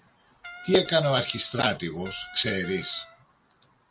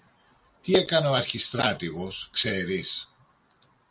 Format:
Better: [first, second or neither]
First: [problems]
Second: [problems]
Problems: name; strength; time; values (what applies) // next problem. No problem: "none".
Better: second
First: background sound (Brass instrument); 16 dB below the speech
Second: none